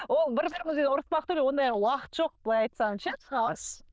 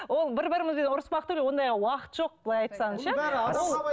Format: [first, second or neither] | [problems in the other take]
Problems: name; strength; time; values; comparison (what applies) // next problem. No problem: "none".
second | noise reduction (neural diffusion model UNIVERSE++)